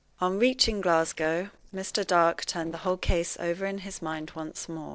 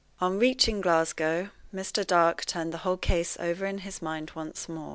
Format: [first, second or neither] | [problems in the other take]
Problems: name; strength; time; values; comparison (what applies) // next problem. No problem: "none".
second | noise reduction (neural separator model SepFormer DNS4)